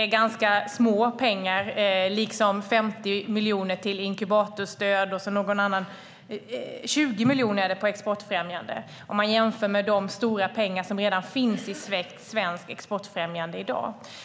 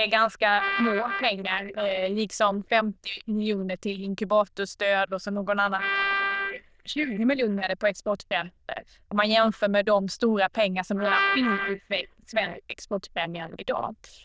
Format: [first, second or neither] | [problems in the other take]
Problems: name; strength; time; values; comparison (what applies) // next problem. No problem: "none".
first | noise reduction (neural diffusion model UNIVERSE++)